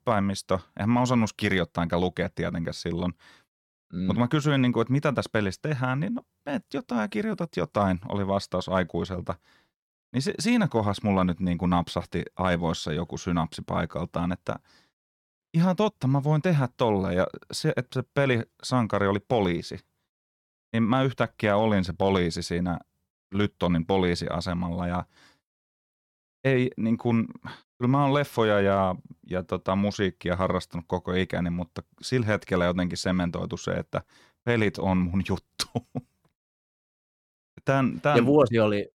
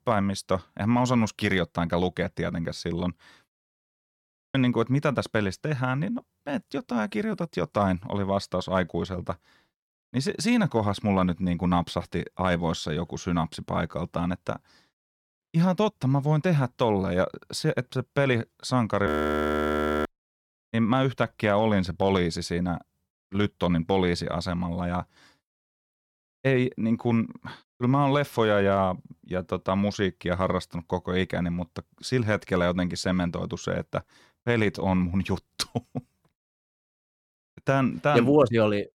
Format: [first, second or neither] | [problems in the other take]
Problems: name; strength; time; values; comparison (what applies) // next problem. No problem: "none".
first | audio freezing; at 3.5 s for 1 s and at 19 s for 1 s